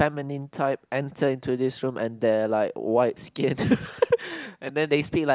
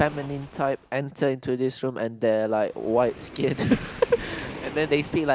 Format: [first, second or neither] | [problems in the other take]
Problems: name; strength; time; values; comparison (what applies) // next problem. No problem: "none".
first | background sound (Waves, surf); 16 dB below the speech